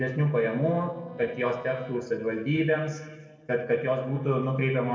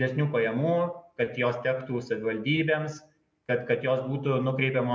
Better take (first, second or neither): second